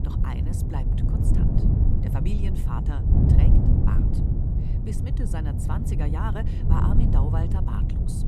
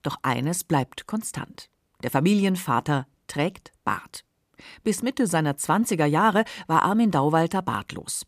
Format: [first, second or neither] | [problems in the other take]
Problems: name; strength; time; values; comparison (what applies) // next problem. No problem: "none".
second | wind noise on the microphone; heavy; 2 dB above the speech